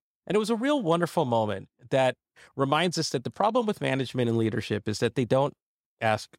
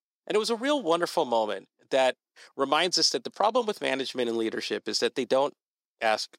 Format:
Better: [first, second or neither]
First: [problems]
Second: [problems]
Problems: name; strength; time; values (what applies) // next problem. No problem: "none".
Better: first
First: none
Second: thin; very slightly; fading below 300 Hz